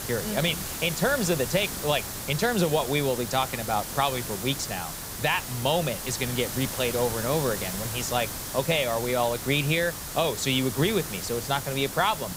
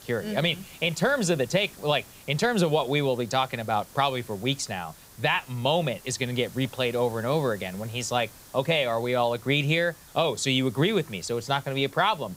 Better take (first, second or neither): second